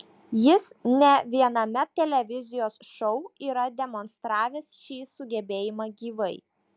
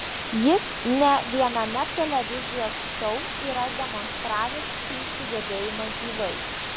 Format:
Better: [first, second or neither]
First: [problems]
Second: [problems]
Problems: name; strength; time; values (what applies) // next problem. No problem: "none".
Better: first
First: none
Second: background sound (Water); 5 dB below the speech